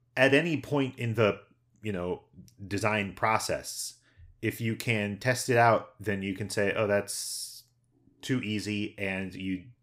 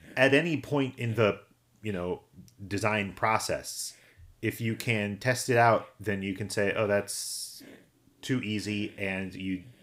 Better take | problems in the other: first | hiss; faint; throughout; 30 dB below the speech

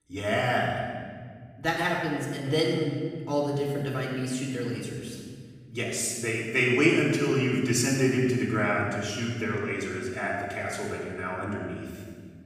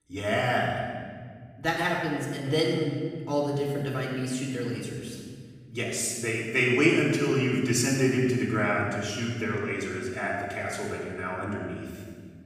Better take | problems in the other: neither | off-mic speech; far; the same in both // room echo; noticeable; dies away in 1.8 s; the same in both

